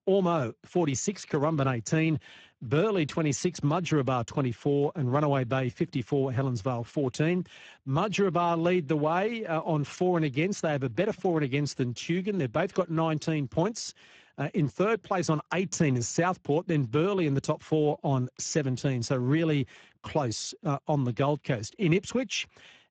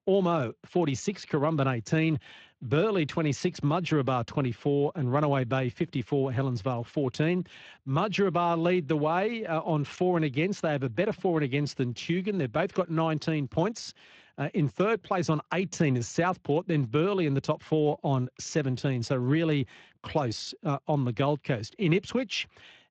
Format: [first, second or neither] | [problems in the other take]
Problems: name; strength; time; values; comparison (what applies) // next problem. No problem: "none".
second | garbled, watery; badly; nothing above 7.5 kHz; slightly in the second